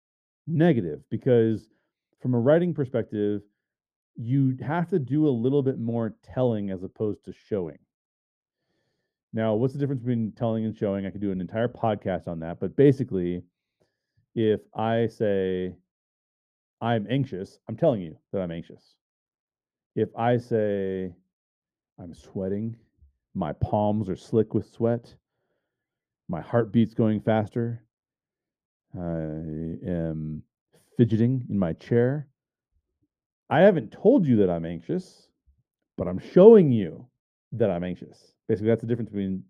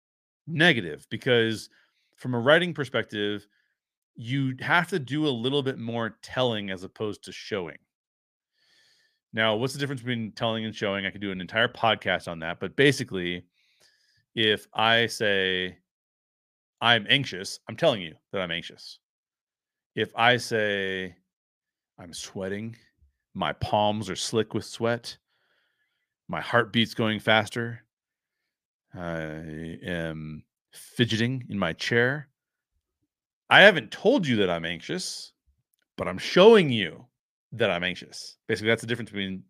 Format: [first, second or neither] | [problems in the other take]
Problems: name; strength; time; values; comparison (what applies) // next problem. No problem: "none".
second | muffled; very; fading above 1 kHz